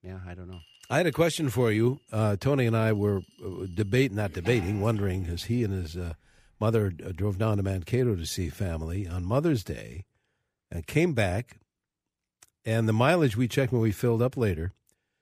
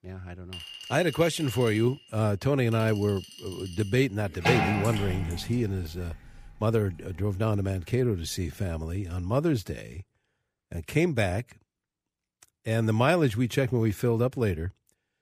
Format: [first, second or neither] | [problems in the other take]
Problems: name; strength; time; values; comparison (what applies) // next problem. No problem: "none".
first | household noises; loud; until 8 s; 7 dB below the speech; faint in the first